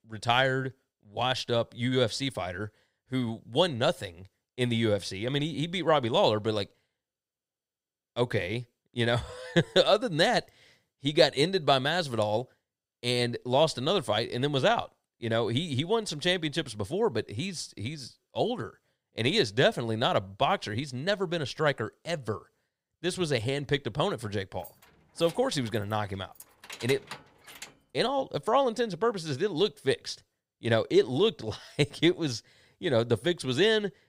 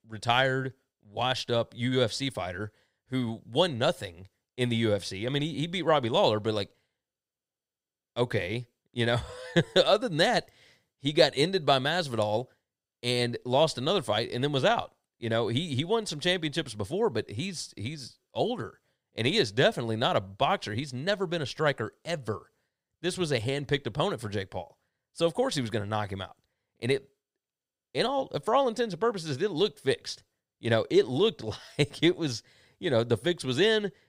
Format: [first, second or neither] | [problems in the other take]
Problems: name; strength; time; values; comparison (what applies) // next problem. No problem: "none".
second | jangling keys; faint; from 25 to 28 s; peak 10 dB below the speech